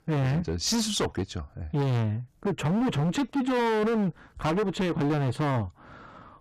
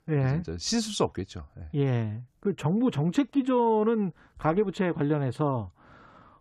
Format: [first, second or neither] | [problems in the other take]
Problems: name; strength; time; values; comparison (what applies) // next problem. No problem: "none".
second | distortion; heavy; 25% of the sound clipped